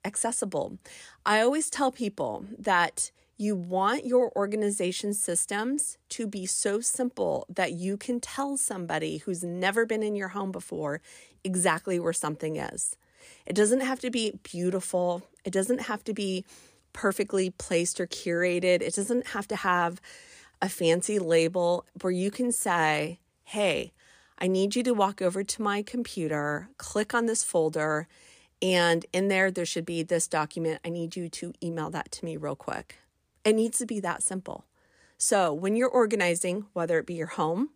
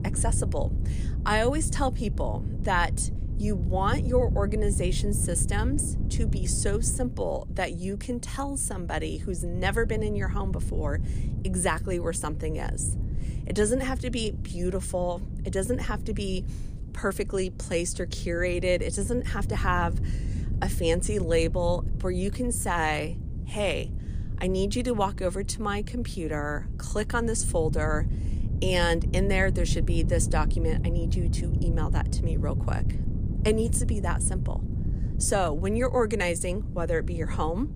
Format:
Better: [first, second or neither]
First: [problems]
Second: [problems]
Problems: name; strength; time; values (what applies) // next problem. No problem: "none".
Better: first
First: none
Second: wind noise on the microphone; occasional gusts; 15 dB below the speech